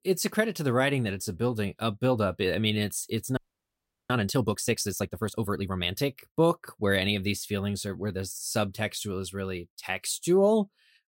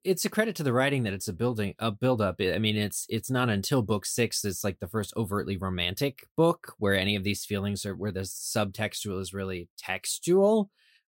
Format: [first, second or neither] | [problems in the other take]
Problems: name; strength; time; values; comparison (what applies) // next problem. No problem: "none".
second | audio freezing; at 3.5 s for 0.5 s